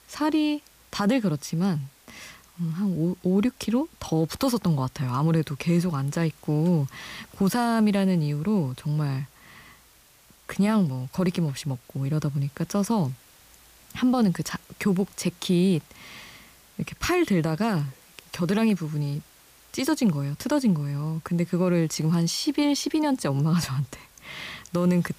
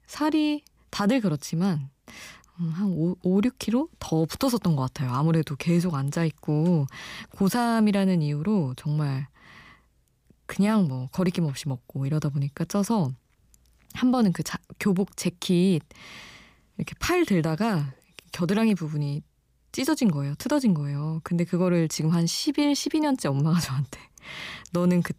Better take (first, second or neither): second